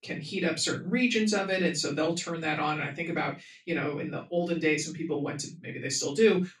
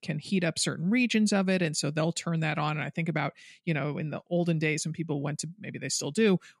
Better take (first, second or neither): second